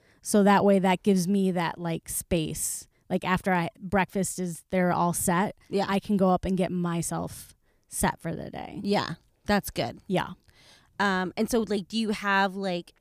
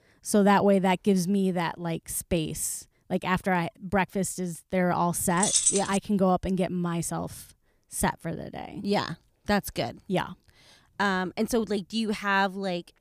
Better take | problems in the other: first | jangling keys; loud; at 5.5 s; peak 6 dB above the speech

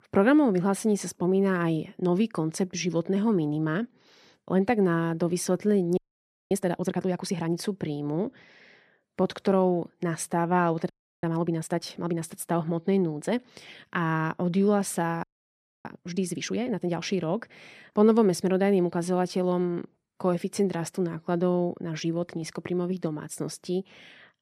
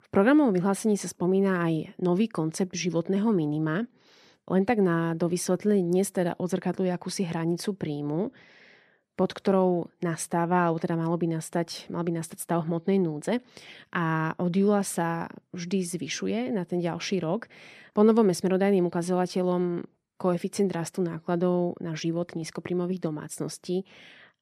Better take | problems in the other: second | audio freezing; at 6 s for 0.5 s, at 11 s and at 15 s for 0.5 s

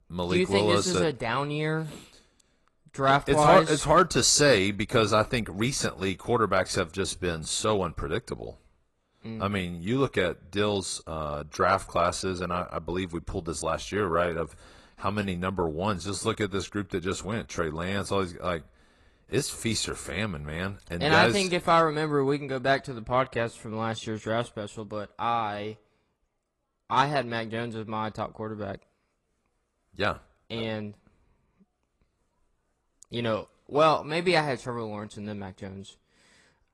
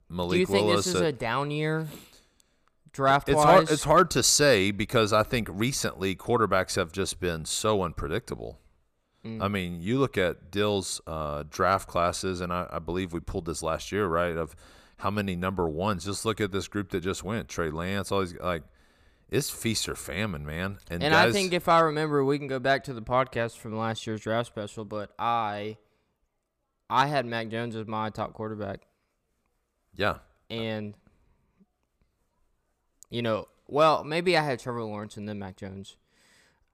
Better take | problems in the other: second | garbled, watery; slightly

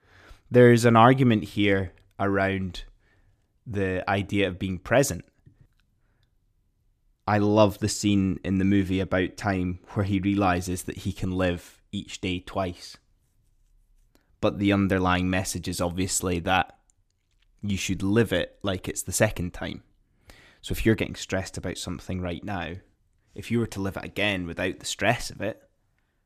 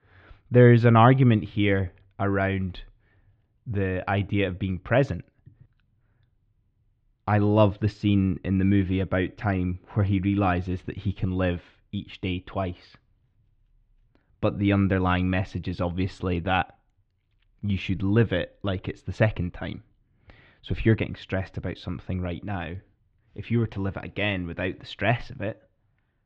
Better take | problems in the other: first | muffled; very; fading above 3.5 kHz

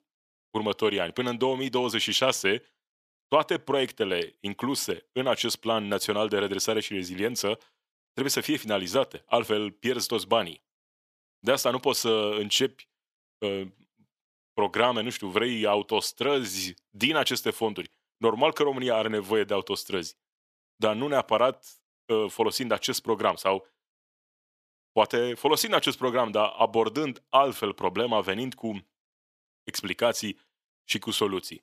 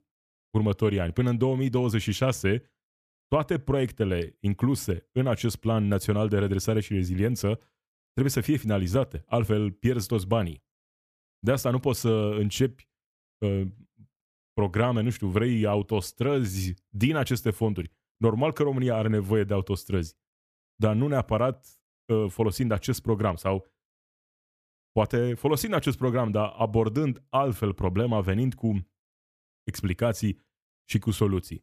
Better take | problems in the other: second | thin; somewhat; fading below 350 Hz

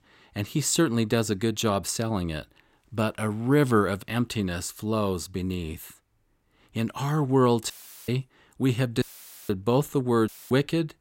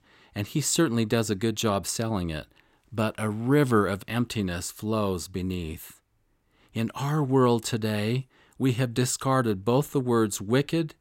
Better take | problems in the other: second | audio cutting out; filled with static; at 7.5 s, at 9 s and at 10 s

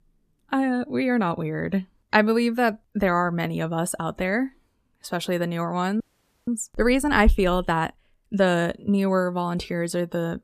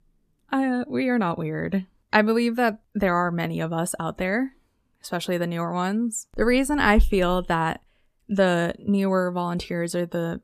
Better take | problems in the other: second | audio freezing; at 6 s

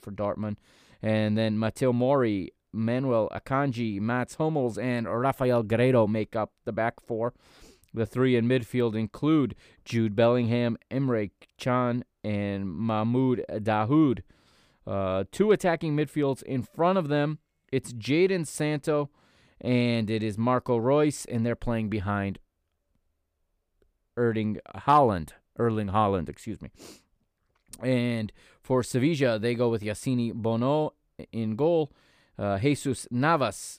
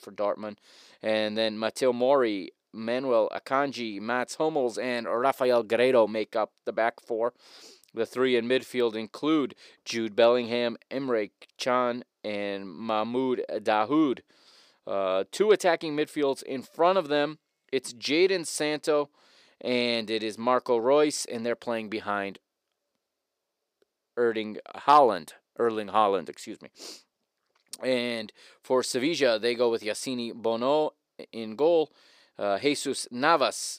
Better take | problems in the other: first | thin; somewhat; fading below 400 Hz

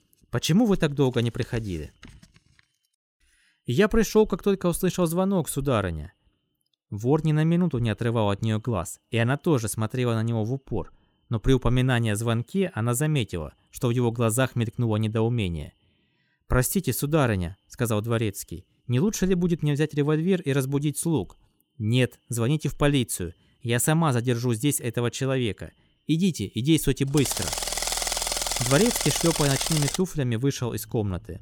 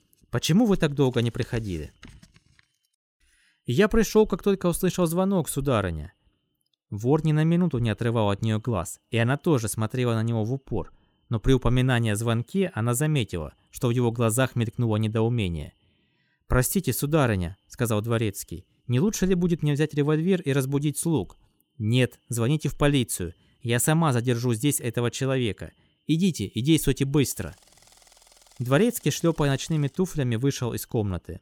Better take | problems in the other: second | machinery noise; loud; from 25 s on; 1 dB below the speech; faint in the second

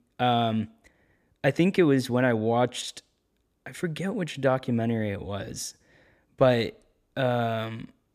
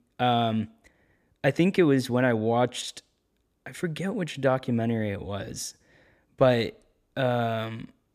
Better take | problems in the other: neither | none

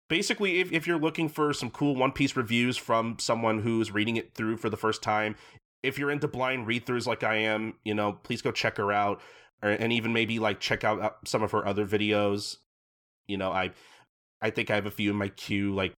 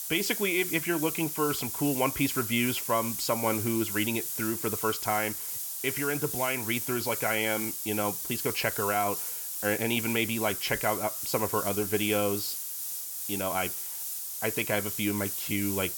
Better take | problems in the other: first | hiss; loud; throughout; 2 dB below the speech

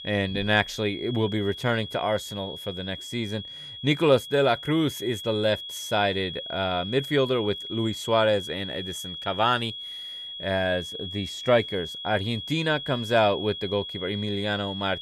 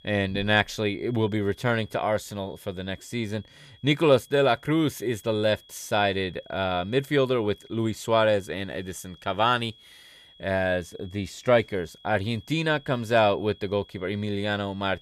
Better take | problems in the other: second | high-pitched whine; loud; throughout; 3.5 kHz, 9 dB below the speech; faint in the second

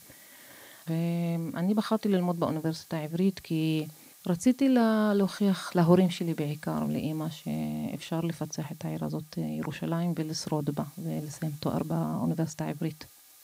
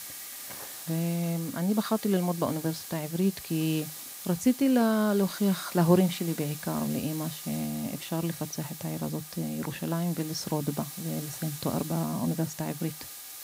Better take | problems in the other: first | hiss; loud; throughout; 10 dB below the speech; faint in the first

